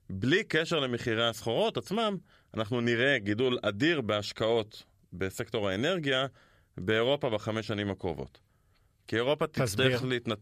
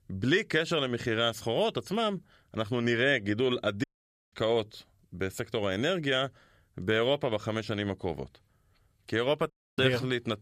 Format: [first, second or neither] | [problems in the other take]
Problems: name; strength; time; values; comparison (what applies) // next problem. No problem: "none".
first | audio cutting out; at 4 s and at 9.5 s